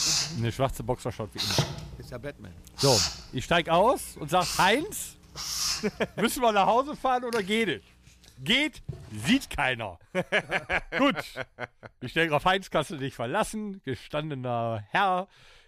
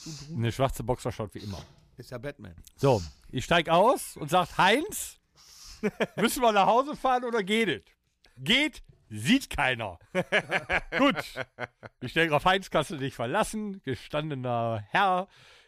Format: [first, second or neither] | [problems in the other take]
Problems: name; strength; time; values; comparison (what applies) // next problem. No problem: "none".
second | household noises; loud; throughout; 3 dB below the speech; faint in the second